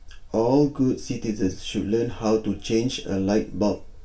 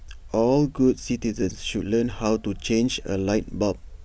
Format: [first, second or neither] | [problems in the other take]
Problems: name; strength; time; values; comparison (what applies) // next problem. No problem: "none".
second | room echo; dies away in 0.3 s